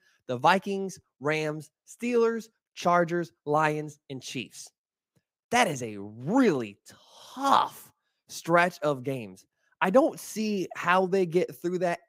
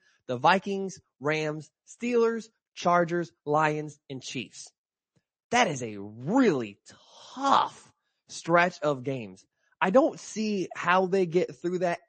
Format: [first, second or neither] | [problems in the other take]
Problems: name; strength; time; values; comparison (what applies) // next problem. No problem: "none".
first | garbled, watery; slightly; nothing above 8 kHz